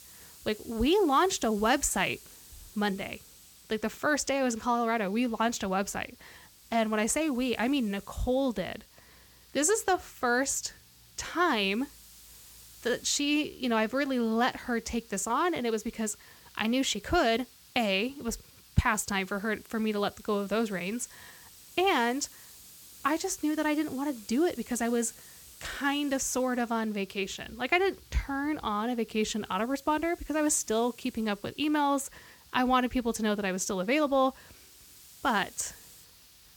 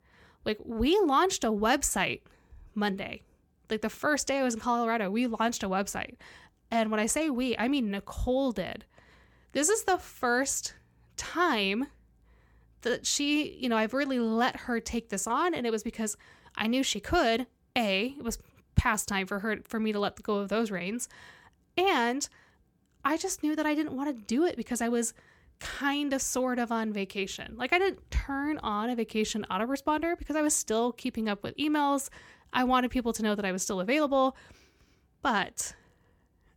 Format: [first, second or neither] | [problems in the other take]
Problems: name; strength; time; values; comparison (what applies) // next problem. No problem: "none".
second | hiss; faint; throughout; 20 dB below the speech